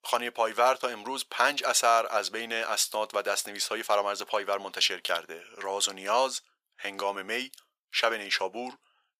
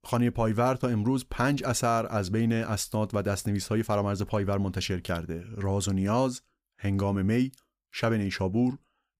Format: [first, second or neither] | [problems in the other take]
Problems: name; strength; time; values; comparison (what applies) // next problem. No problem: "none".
second | thin; very; fading below 600 Hz